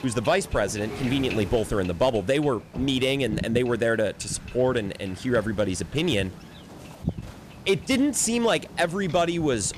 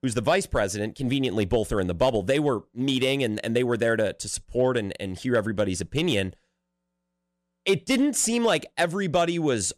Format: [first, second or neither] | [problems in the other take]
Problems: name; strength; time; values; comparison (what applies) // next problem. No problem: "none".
second | wind noise on the microphone; occasional gusts; 15 dB below the speech